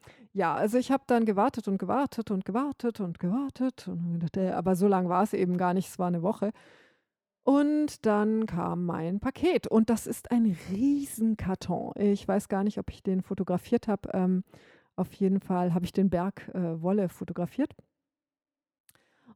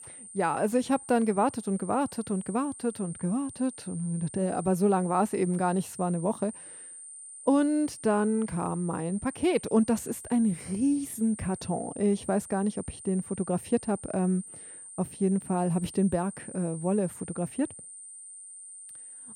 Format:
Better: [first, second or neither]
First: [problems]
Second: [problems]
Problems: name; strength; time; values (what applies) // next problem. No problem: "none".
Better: first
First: none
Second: high-pitched whine; noticeable; throughout; 9 kHz, 15 dB below the speech